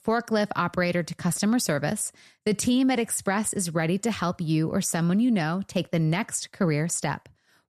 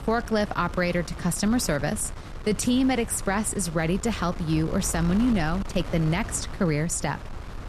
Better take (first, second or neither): first